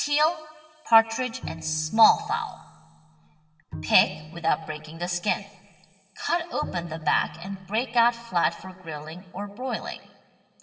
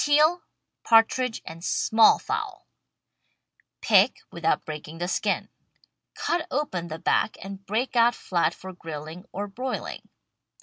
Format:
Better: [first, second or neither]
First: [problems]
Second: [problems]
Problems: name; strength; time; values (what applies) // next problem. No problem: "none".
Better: second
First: background sound (Bowed string instrument); 15 dB below the speech // room echo; dies away in 2.1 s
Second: none